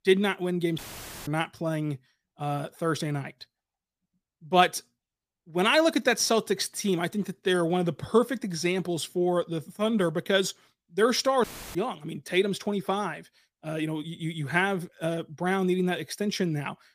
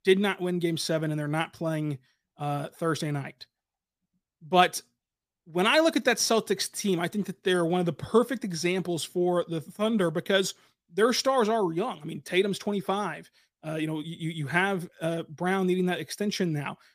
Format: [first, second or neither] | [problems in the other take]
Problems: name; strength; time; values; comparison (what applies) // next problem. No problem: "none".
second | audio cutting out; filled with static; at 1 s and at 11 s